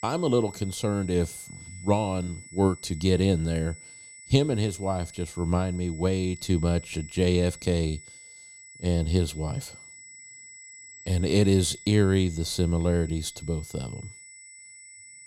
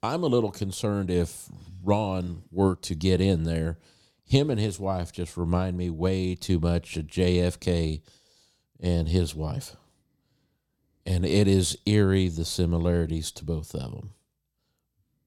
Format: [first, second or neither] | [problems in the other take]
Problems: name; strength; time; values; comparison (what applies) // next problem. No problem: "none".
second | high-pitched whine; noticeable; throughout; 8 kHz, 20 dB below the speech